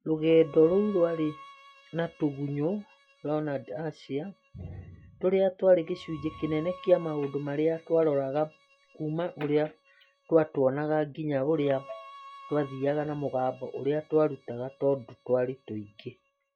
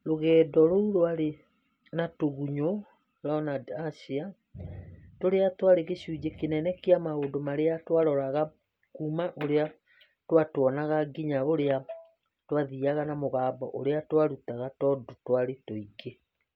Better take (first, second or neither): second